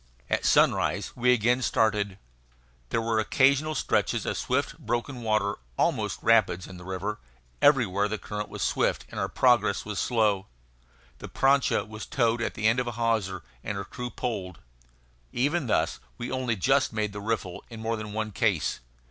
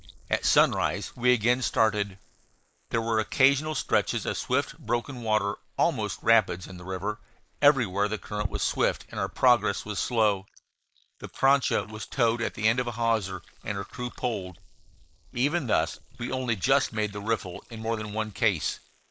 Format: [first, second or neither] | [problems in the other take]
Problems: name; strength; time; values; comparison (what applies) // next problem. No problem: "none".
first | noise reduction (neural mask model Resemble Enhance denoiser)